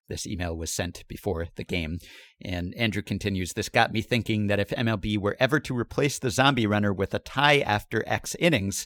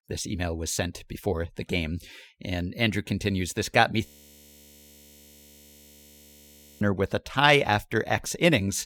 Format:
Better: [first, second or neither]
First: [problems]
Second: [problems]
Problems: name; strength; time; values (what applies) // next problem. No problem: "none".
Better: first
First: none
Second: audio freezing; at 4 s for 3 s